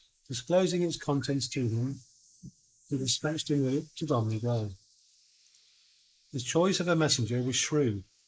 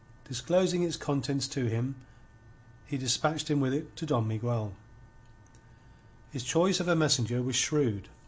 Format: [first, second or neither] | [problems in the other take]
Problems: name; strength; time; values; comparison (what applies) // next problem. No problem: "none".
second | noise reduction (neural mask model Resemble Enhance denoiser)